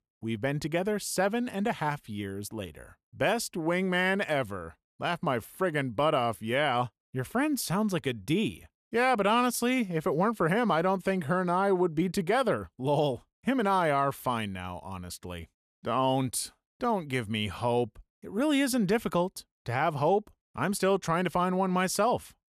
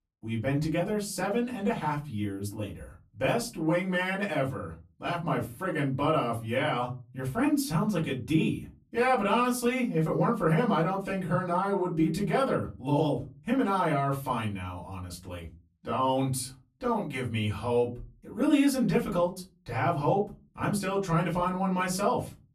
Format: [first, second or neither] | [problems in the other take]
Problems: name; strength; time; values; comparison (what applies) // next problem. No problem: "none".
first | off-mic speech; far // room echo; very slight; dies away in 0.3 s